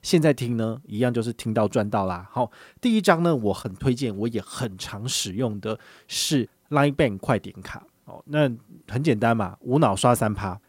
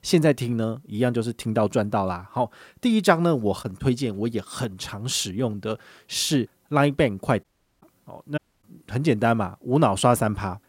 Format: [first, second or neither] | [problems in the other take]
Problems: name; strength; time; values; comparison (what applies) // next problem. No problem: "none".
first | audio cutting out; at 7.5 s and at 8.5 s